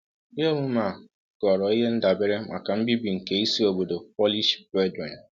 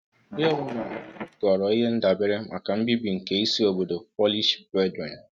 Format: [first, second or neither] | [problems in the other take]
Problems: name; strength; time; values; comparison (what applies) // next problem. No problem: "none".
first | noise reduction (neural mask model RNNoise)